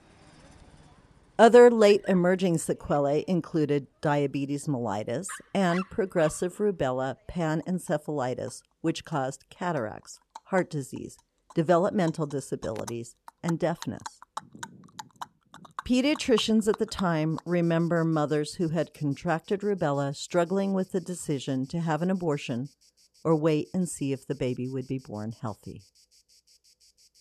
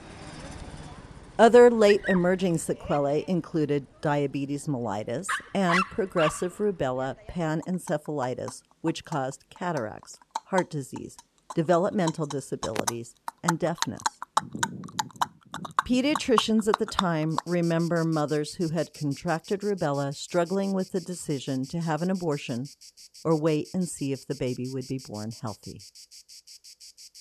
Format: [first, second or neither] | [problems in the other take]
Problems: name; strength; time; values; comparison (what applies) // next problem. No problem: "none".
first | animal sounds; loud; throughout; 8 dB below the speech; faint in the first